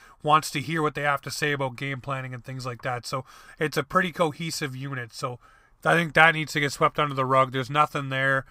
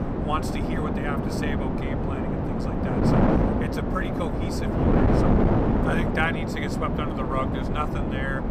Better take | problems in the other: first | wind noise on the microphone; heavy; 2 dB above the speech

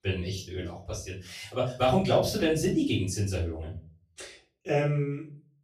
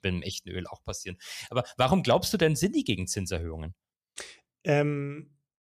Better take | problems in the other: second | room echo; slight; dies away in 0.3 s // off-mic speech; far

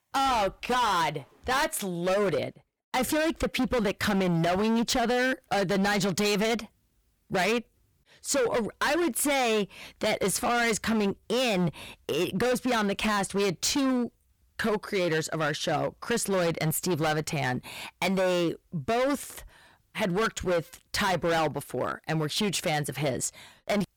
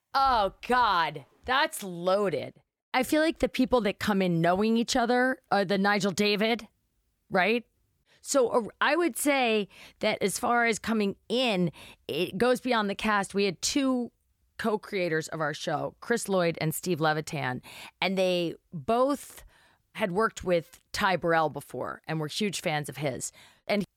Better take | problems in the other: second | distortion; heavy; 21% of the sound clipped

